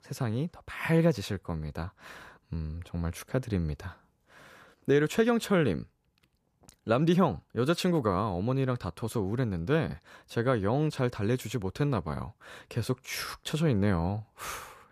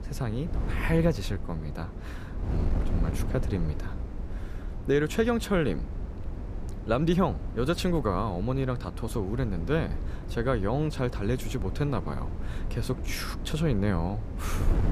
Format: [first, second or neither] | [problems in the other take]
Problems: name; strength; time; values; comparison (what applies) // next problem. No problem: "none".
first | wind noise on the microphone; occasional gusts; 15 dB below the speech